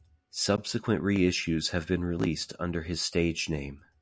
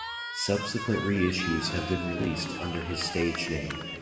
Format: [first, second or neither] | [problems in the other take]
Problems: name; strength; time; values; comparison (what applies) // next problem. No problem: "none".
first | background sound (Cheering); 8 dB below the speech // room echo; dies away in 2.2 s